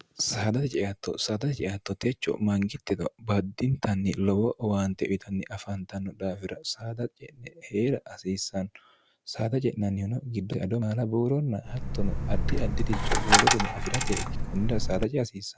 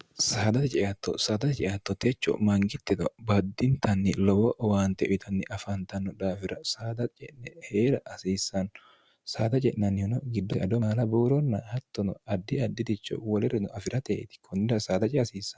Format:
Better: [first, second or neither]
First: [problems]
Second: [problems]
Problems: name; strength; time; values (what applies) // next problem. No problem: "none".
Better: second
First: background sound (Coin (dropping)); 4 dB above the speech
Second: none